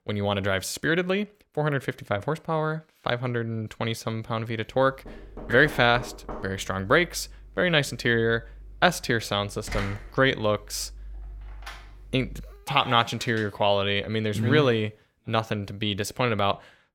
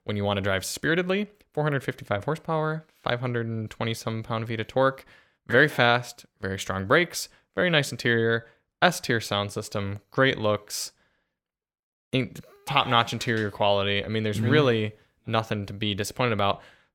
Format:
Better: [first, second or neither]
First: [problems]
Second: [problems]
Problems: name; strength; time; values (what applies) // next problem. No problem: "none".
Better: second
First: door banging; noticeable; from 5 to 13 s; peak 9 dB below the speech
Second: none